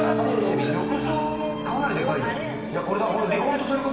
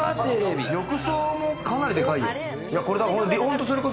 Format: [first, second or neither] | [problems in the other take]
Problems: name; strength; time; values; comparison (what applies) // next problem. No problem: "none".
second | background sound (Mallet percussion); 5 dB below the speech // room echo; dies away in 1.4 s